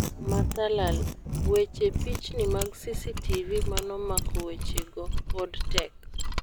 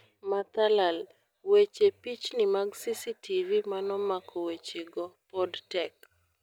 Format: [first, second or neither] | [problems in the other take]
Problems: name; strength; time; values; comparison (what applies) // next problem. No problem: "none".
second | background sound (Mechanisms); 2 dB above the speech